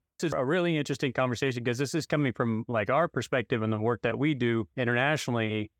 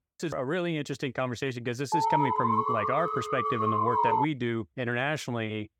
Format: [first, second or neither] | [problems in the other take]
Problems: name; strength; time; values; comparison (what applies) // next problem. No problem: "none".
first | alarm; loud; from 2 to 4.5 s; peak 6 dB above the speech